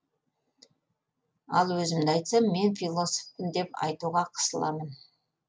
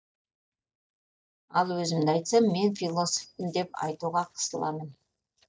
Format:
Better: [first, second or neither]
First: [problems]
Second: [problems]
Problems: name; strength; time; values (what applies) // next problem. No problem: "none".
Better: first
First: none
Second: noise reduction (neural mask model DeepFilterNet 3)